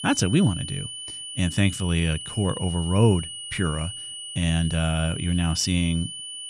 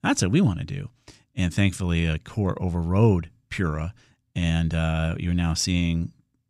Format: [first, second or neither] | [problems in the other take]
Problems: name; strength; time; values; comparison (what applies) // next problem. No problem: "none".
second | high-pitched whine; loud; throughout; 3 kHz, 9 dB below the speech